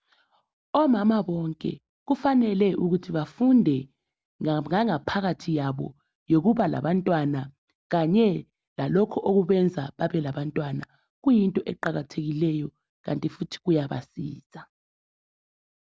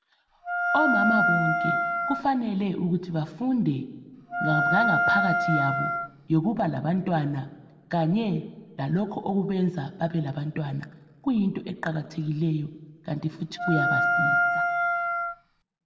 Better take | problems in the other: first | background sound (Wind instrument, woodwind instrument); 3 dB above the speech // room echo; dies away in 1.3 s

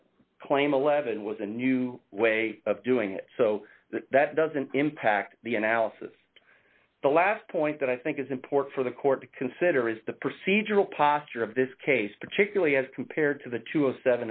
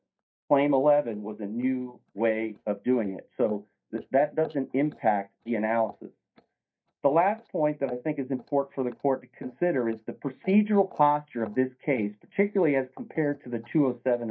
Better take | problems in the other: first | noise reduction (neural mask model DeepFilterNet 3)

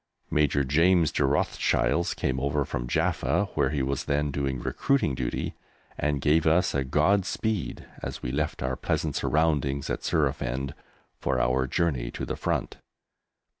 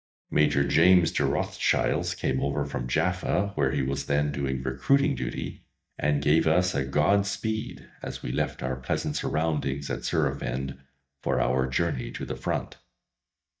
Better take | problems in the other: first | noise reduction (neural mask model DeepFilterNet 3)

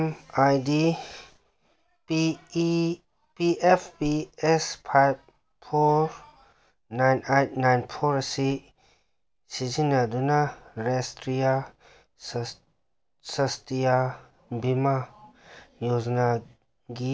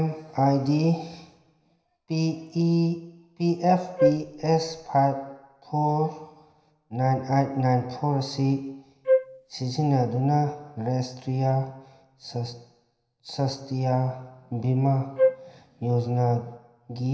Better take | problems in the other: first | background sound (Wind instrument, woodwind instrument); as loud as the speech // room echo; dies away in 0.9 s

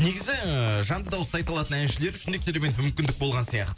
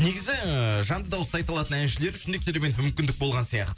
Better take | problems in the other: second | background sound (Run); 20 dB below the speech

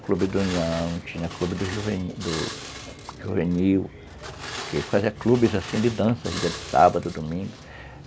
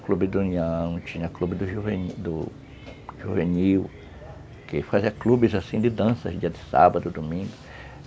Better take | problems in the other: second | background sound (Glass); 13 dB below the speech

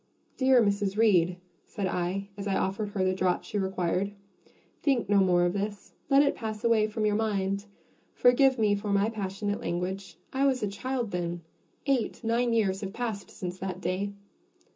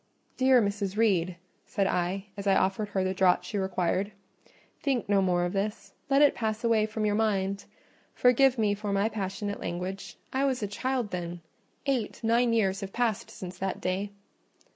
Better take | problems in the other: second | room echo; dies away in 0.2 s

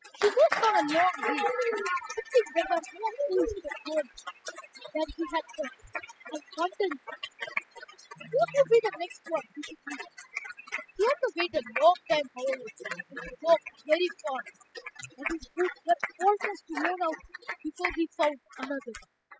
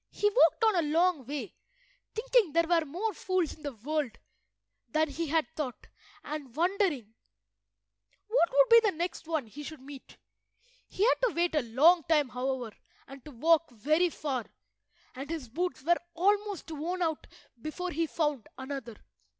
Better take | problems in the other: second | noise reduction (classical method spectral subtraction)

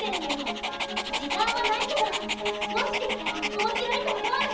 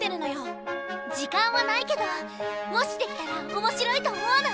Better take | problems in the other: second | background sound (Dog); 2 dB below the speech // room echo; dies away in 0.7 s

